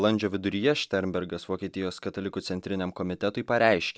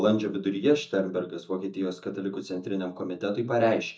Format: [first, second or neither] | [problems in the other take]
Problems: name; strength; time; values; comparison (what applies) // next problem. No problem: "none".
first | noise reduction (neural mask model DeepFilterNet 3)